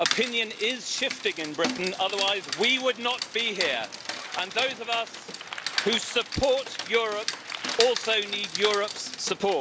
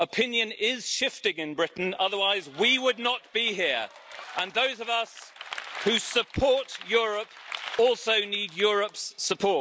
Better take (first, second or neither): second